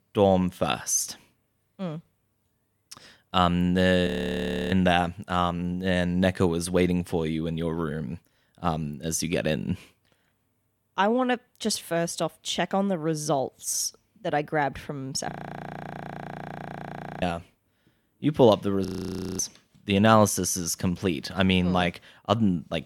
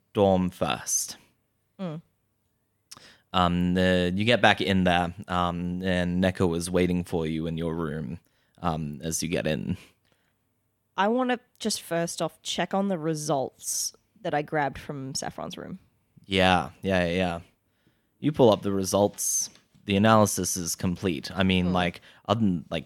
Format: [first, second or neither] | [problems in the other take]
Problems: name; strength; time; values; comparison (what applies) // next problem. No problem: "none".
second | audio freezing; at 4 s for 0.5 s, at 15 s for 2 s and at 19 s for 0.5 s